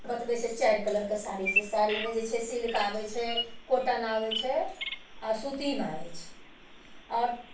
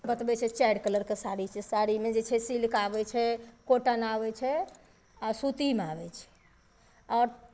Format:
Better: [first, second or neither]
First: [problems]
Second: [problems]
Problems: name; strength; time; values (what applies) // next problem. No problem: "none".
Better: second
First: background sound (Bird vocalization, bird call, bird song); 8 dB below the speech // room echo; dies away in 0.3 s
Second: none